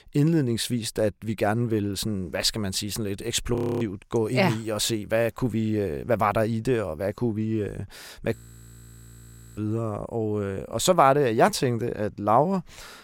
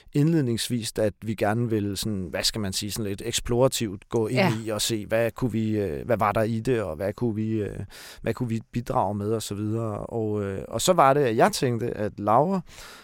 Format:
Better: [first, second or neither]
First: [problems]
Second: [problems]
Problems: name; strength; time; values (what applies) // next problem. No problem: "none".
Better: second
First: audio freezing; at 3.5 s and at 8.5 s for 1 s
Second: none